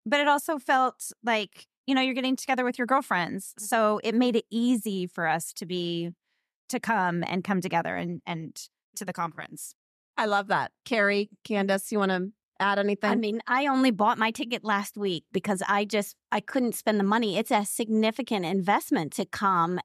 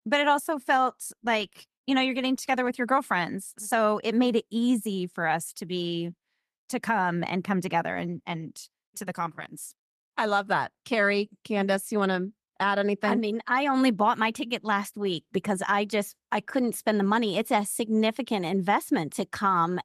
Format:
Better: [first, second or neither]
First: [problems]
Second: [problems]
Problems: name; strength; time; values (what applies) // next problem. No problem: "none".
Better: first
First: none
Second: garbled, watery; slightly; nothing above 13.5 kHz